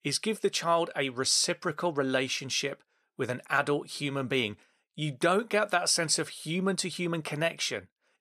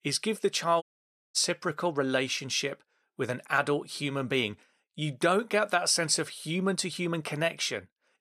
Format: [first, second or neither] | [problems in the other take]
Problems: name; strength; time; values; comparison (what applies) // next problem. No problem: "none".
first | audio cutting out; at 1 s for 0.5 s